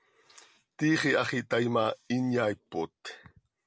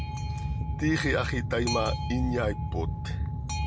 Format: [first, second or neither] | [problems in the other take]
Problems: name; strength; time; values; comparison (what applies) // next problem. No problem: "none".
first | background sound (Boat, Water vehicle); 1 dB above the speech